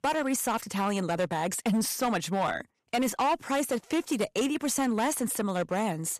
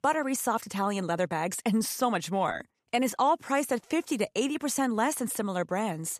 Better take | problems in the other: second | distortion; slight; 9% of the sound clipped

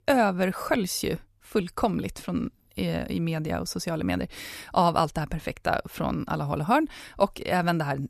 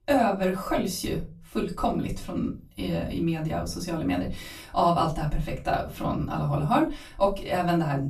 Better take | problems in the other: first | room echo; slight; dies away in 0.3 s // off-mic speech; far

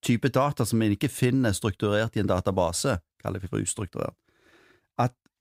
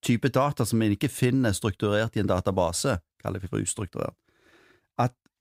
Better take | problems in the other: neither | none

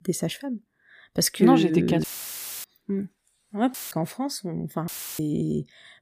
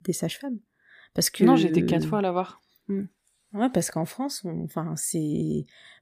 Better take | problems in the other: second | audio cutting out; filled with static; at 2 s for 0.5 s, at 3.5 s and at 5 s

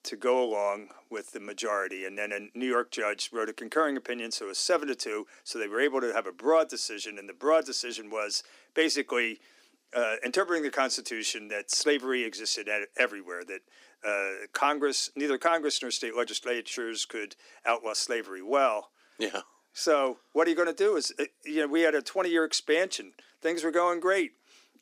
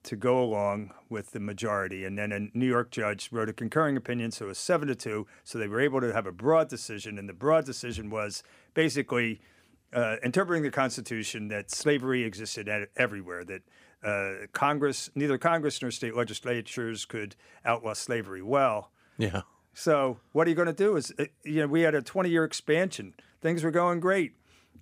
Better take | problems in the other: second | thin; very slightly; fading below 300 Hz

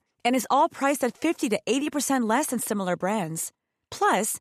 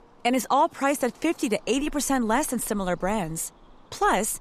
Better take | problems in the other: first | animal sounds; faint; throughout; 25 dB below the speech

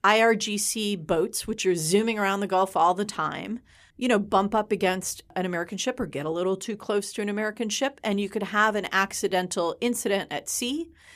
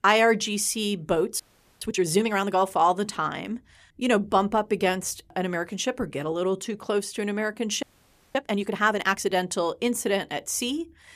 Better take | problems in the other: first | audio freezing; at 1.5 s and at 8 s for 0.5 s

